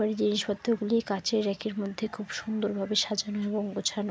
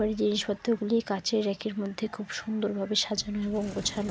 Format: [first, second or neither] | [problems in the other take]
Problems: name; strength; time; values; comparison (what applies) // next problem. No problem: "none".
first | background sound (Sliding door); 20 dB below the speech